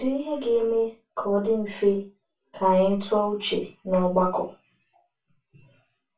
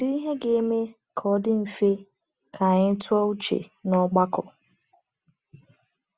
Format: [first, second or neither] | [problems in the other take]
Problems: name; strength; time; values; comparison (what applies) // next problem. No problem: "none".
second | room echo; dies away in 0.2 s